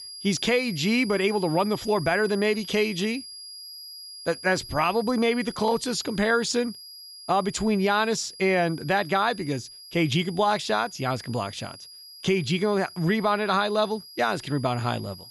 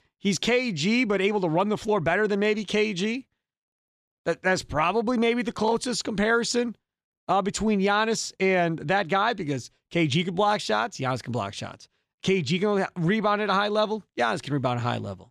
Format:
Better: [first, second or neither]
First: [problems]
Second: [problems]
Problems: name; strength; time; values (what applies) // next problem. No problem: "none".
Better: second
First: high-pitched whine; noticeable; throughout; 5 kHz, 15 dB below the speech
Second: none